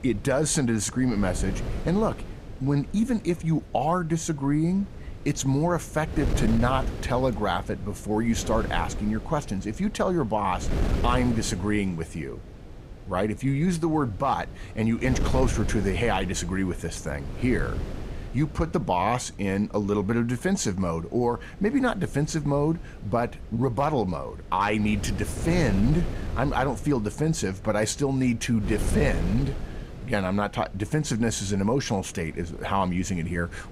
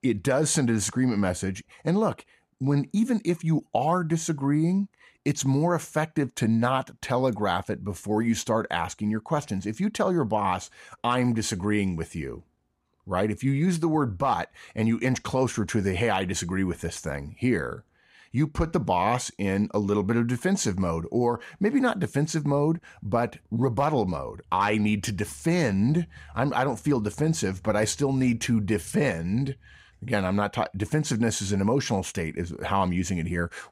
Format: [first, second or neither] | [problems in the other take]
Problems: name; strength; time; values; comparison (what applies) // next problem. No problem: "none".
second | wind noise on the microphone; occasional gusts; 15 dB below the speech